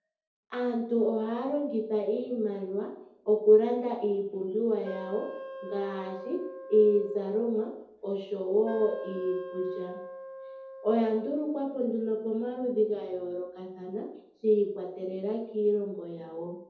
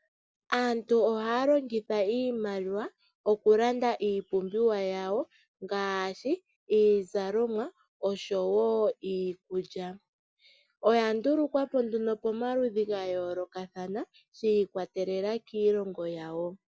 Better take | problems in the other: second | background sound (Wind instrument, woodwind instrument); 14 dB below the speech // room echo; dies away in 2 s

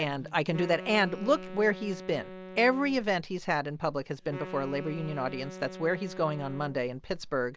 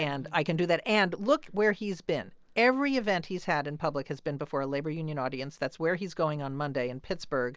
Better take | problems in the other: second | background sound (Wind instrument, woodwind instrument); 14 dB below the speech

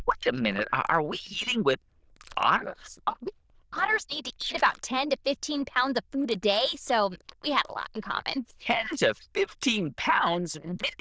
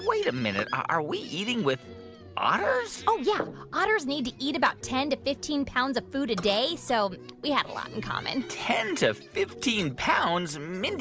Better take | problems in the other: second | noise reduction (neural diffusion model UNIVERSE++)

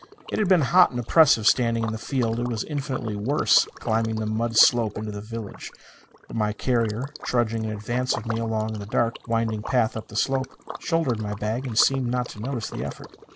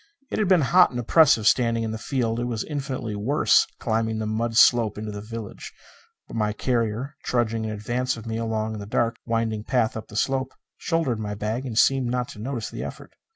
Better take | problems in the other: second | background sound (Liquid); 16 dB below the speech

